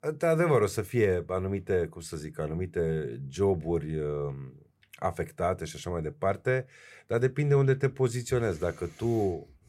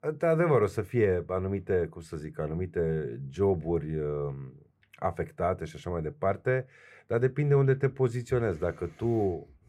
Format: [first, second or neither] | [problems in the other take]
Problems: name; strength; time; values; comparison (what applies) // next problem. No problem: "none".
first | muffled; slightly; fading above 3 kHz